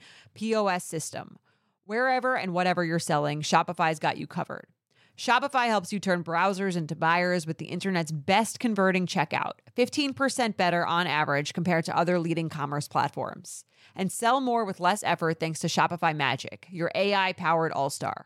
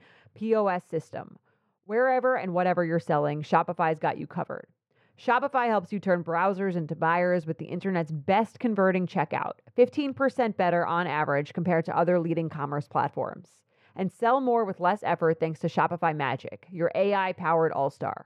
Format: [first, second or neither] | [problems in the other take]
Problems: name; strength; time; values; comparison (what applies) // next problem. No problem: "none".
first | muffled; very; fading above 3.5 kHz